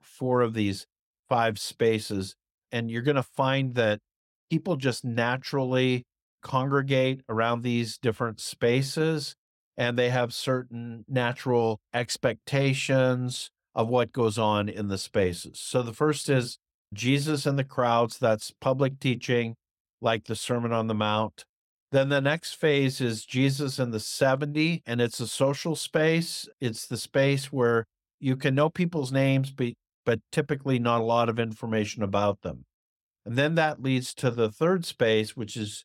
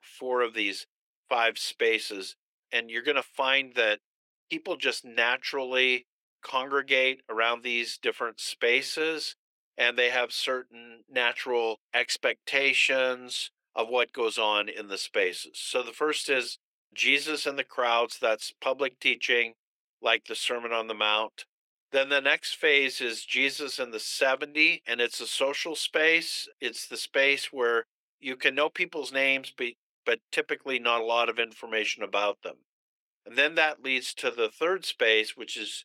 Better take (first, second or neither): first